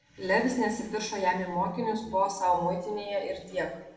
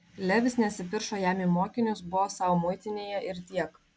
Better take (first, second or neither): second